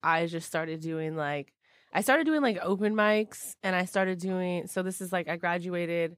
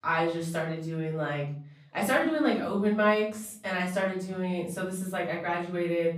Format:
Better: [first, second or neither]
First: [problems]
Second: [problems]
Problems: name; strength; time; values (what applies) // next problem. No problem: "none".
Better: first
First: none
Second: off-mic speech; far // room echo; slight; dies away in 0.6 s